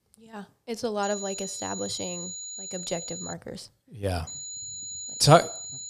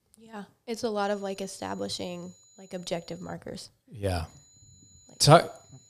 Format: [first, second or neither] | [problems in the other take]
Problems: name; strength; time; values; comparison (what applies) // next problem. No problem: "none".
second | high-pitched whine; loud; from 1 to 3.5 s and from 4.5 s on; 7 kHz, 8 dB below the speech; faint in the second